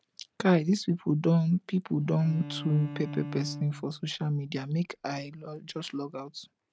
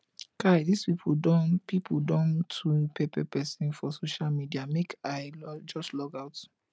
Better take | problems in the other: second | background sound (Bowed string instrument); 12 dB below the speech

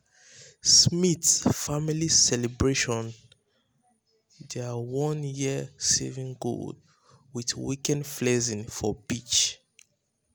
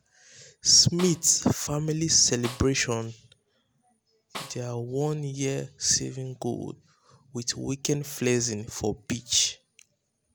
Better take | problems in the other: first | background sound (Snare drum); 16 dB below the speech

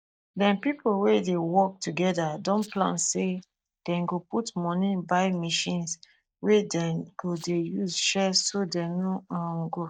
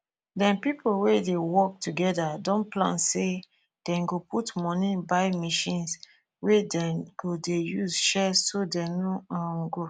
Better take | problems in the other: second | noise reduction (neural mask model DeepFilterNet 3)

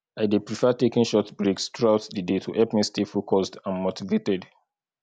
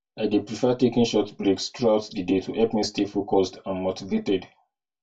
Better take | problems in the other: first | room echo; dies away in 0.1 s

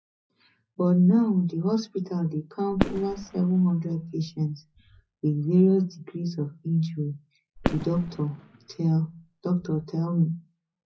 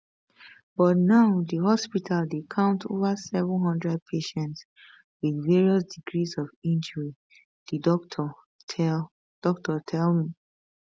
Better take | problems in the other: second | noise reduction (classical method WPE with log-MMSE)

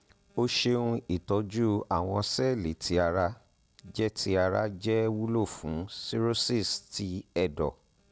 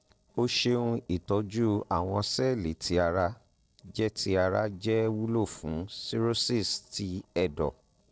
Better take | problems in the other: first | noise reduction (neural separator model SepFormer DNS4)

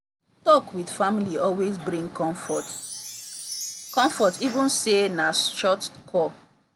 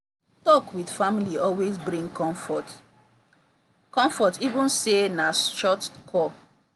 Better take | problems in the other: second | background sound (Chime); 14 dB below the speech

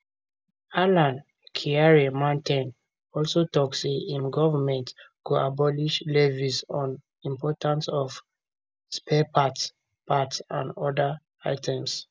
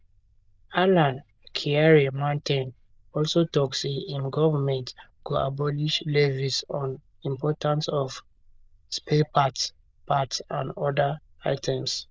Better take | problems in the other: first | noise reduction (neural diffusion model UNIVERSE++)

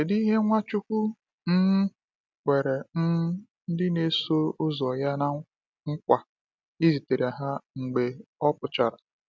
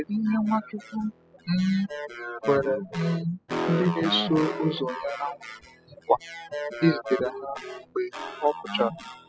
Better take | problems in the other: first | noise reduction (classical method spectral subtraction)

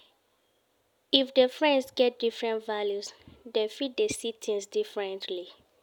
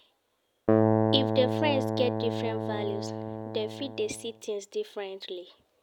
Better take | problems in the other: first | background sound (Keyboard (musical)); 4 dB above the speech

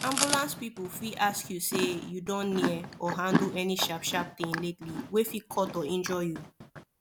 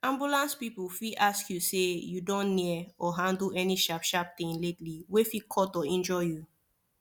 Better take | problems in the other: second | background sound (Chewing, mastication); 4 dB below the speech

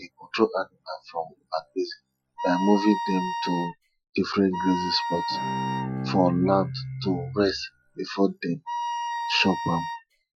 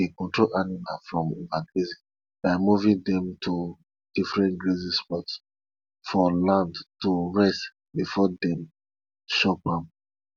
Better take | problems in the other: second | noise reduction (classical method Wiener filter)

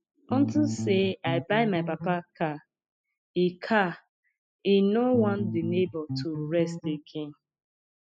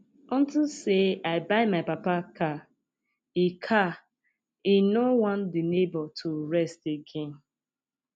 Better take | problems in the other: second | noise reduction (classical method spectral subtraction)

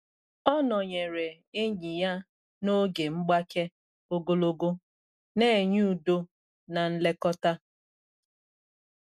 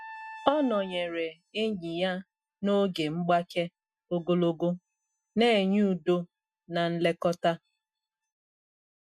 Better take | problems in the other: first | noise reduction (classical method Wiener filter)

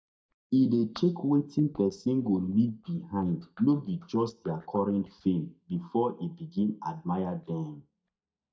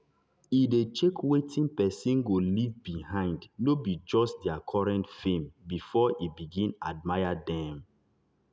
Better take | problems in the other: second | noise reduction (neural mask model DeepFilterNet 3)

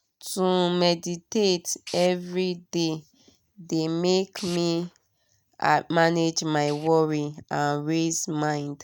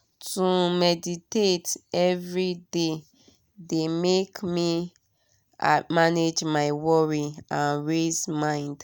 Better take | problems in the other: second | noise reduction (neural mask model RNNoise)

